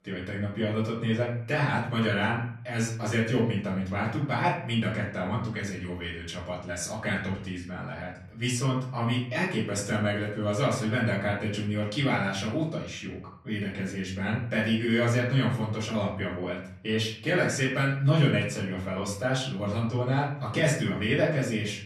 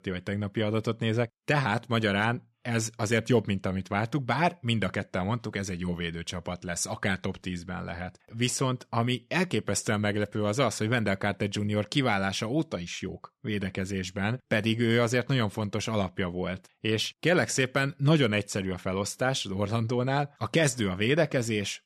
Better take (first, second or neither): second